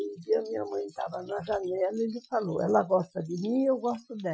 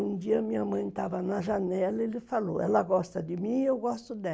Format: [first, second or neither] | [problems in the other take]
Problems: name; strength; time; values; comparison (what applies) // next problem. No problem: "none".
second | noise reduction (classical method Wiener filter)